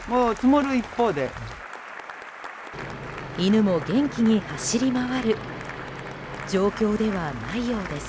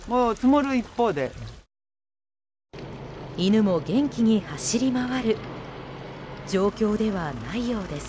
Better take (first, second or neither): second